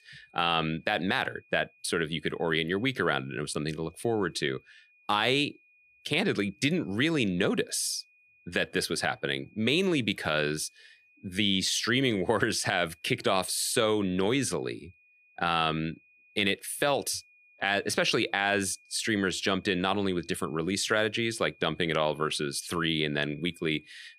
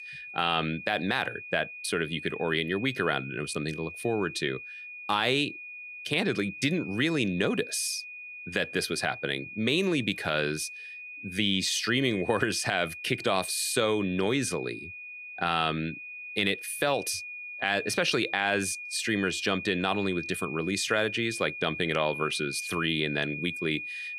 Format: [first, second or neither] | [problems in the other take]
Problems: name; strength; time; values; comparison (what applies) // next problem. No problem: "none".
first | high-pitched whine; loud; throughout; 2.5 kHz, 9 dB below the speech; faint in the first